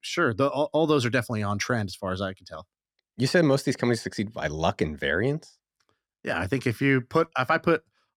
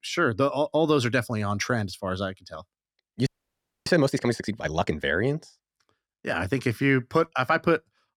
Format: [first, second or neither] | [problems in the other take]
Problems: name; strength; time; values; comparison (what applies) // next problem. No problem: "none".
first | audio freezing; at 3.5 s for 0.5 s